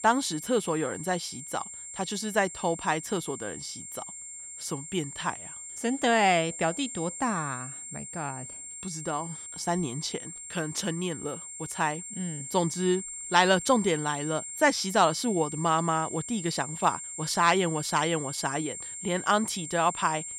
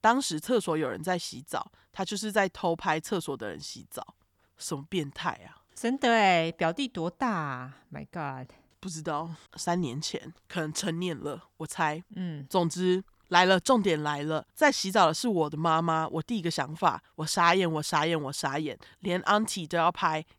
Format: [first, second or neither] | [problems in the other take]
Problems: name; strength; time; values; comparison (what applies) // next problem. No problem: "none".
second | high-pitched whine; loud; throughout; 7.5 kHz, 9 dB below the speech